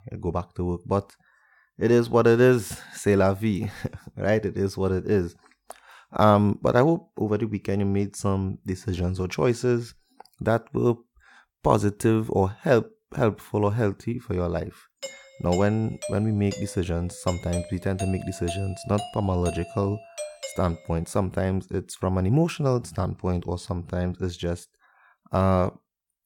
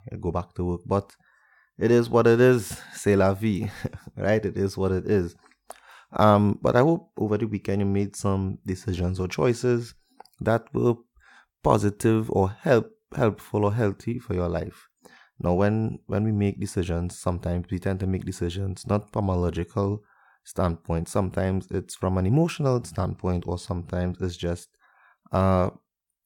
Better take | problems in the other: second | doorbell; noticeable; from 15 to 21 s; peak 10 dB below the speech

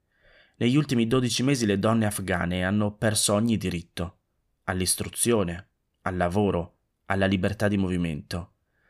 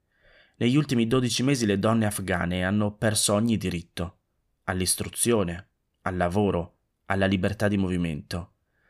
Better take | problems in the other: neither | none

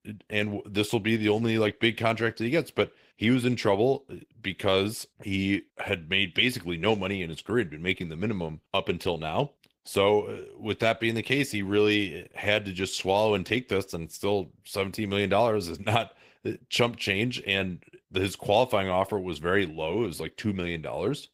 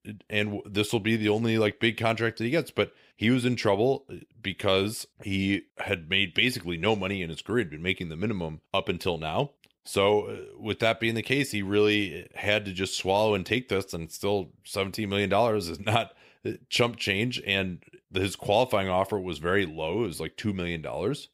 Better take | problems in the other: second | garbled, watery; slightly; nothing above 15.5 kHz

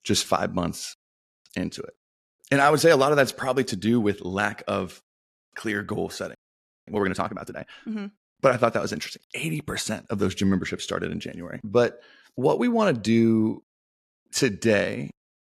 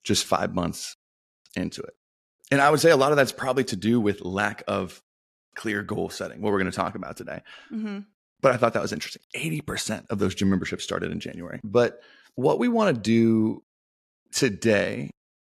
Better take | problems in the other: second | audio freezing; at 6.5 s for 0.5 s

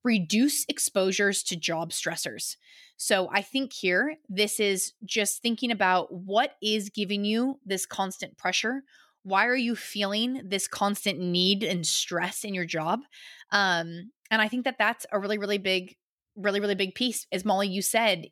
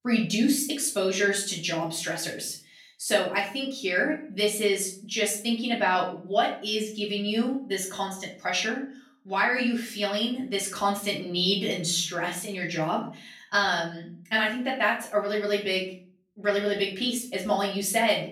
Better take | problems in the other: first | room echo; slight; dies away in 0.4 s // off-mic speech; far

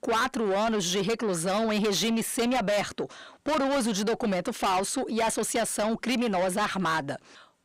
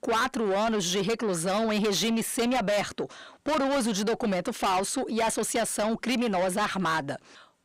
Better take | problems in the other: neither | distortion; heavy; 6 dB below the speech; the same in both

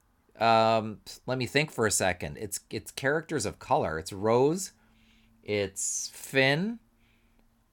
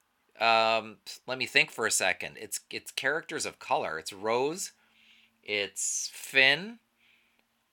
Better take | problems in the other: first | thin; somewhat; fading below 600 Hz

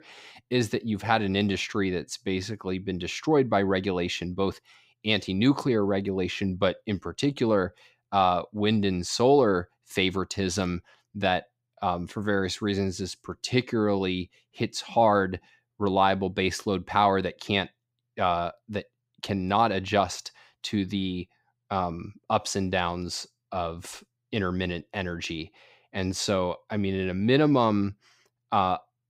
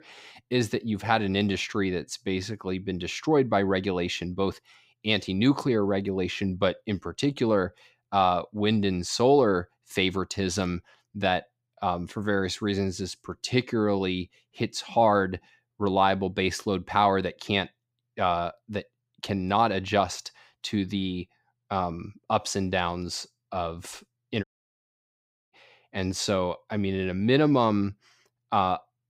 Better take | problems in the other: first | audio cutting out; at 24 s for 1 s

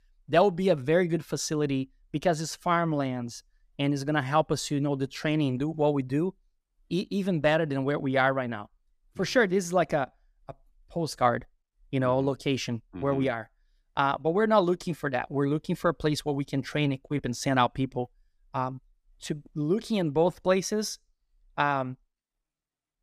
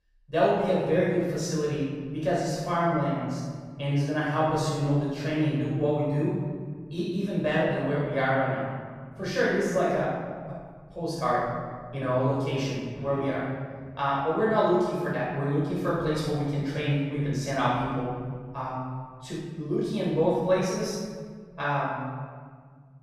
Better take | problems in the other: first | off-mic speech; far // room echo; strong; dies away in 2 s

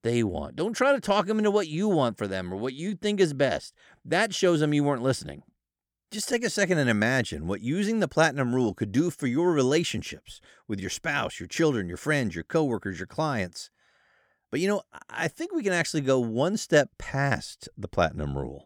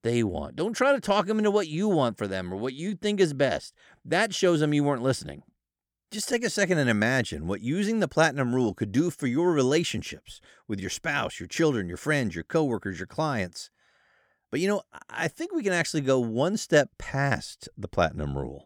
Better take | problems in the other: neither | none

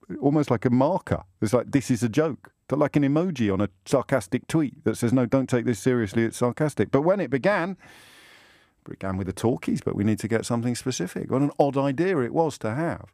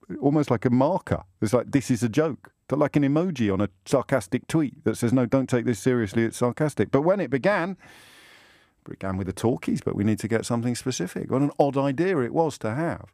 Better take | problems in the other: neither | none

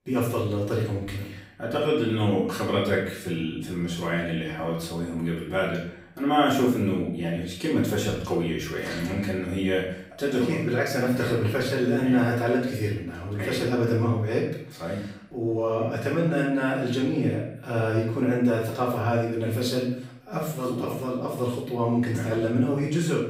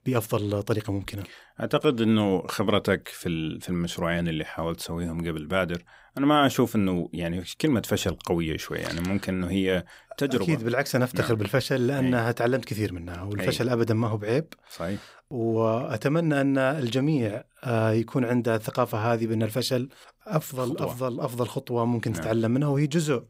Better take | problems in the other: second | room echo; noticeable; dies away in 0.6 s // off-mic speech; far

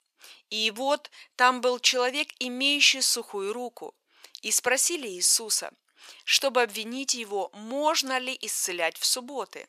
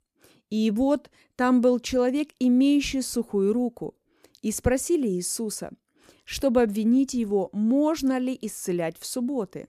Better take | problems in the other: second | thin; very; fading below 800 Hz

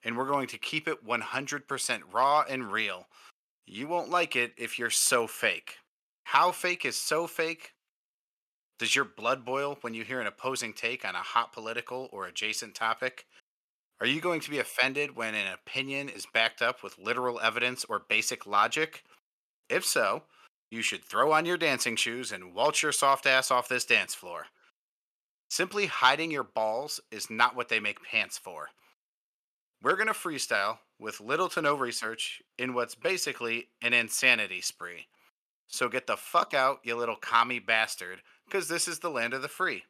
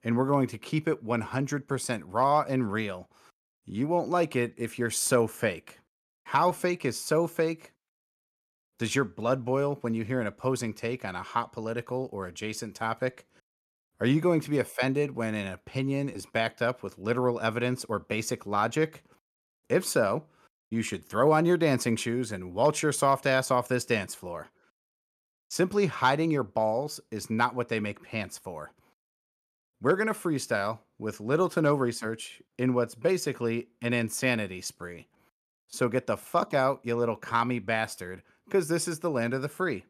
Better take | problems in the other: second | thin; somewhat; fading below 950 Hz

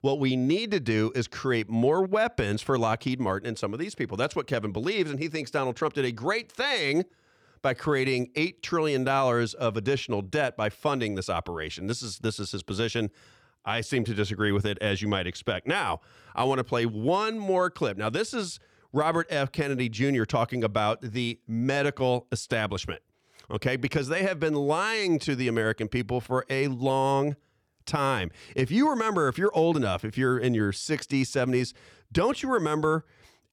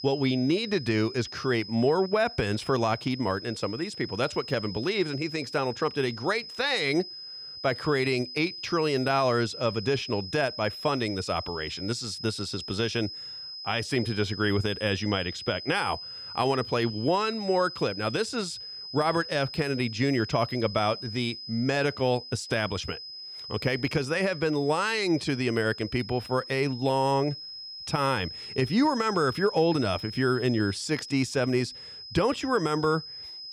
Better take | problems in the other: first | high-pitched whine; noticeable; throughout; 5 kHz, 10 dB below the speech

